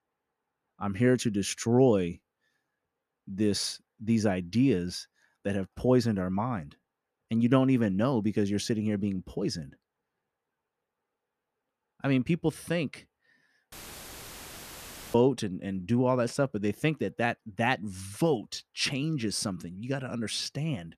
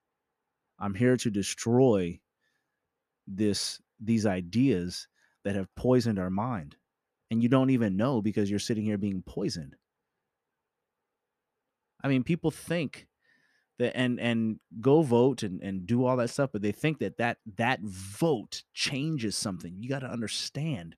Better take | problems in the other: second | audio cutting out; filled with static; at 14 s for 1.5 s

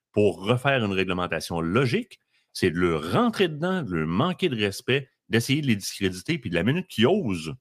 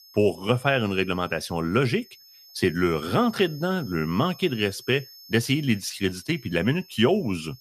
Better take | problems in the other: first | high-pitched whine; faint; throughout; 5.5 kHz, 20 dB below the speech

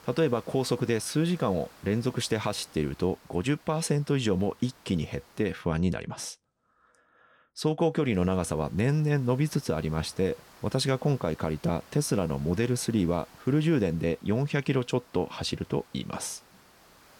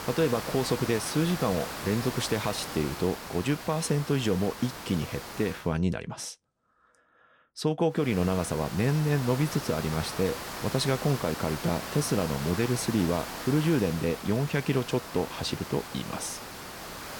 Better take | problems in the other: first | hiss; loud; until 5.5 s and from 8 s on; 8 dB below the speech; faint in the first

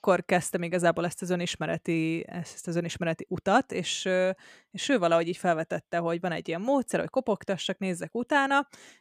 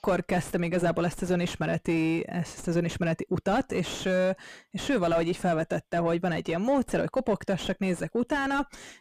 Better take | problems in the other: first | distortion; heavy; 6 dB below the speech

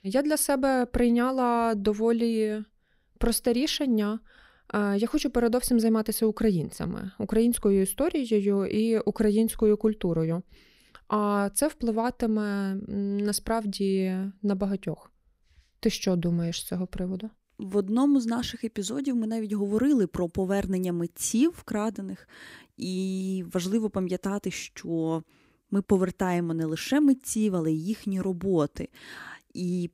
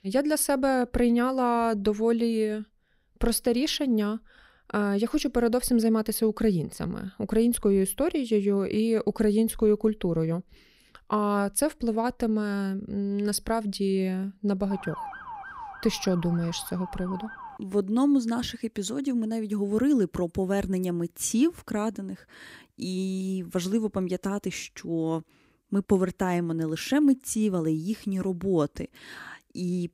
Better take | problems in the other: first | siren; faint; from 15 to 18 s; peak 10 dB below the speech

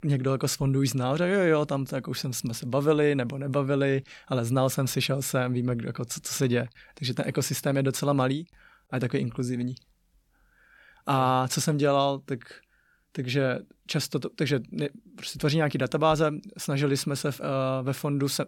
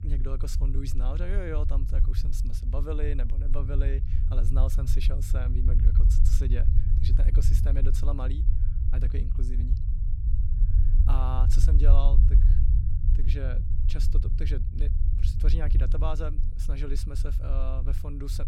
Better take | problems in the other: first | low rumble; loud; throughout; 5 dB below the speech

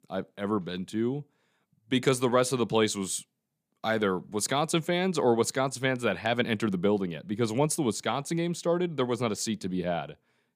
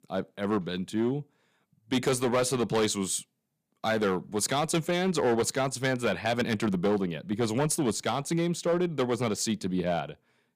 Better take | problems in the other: first | distortion; slight; 6% of the sound clipped

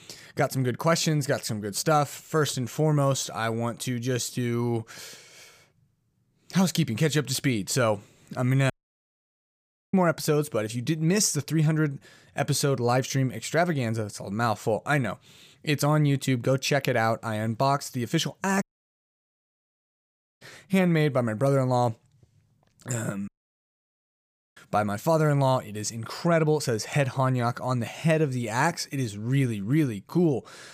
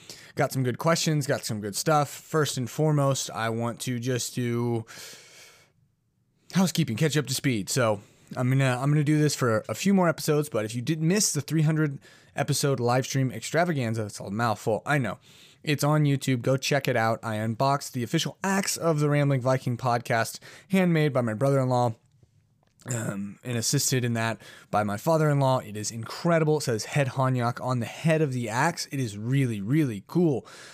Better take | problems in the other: second | audio cutting out; at 8.5 s for 1 s, at 19 s for 2 s and at 23 s for 1.5 s

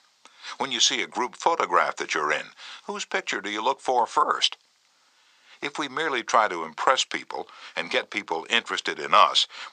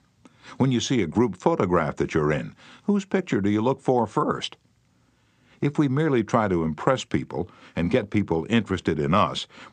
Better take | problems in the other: second | thin; very; fading below 850 Hz

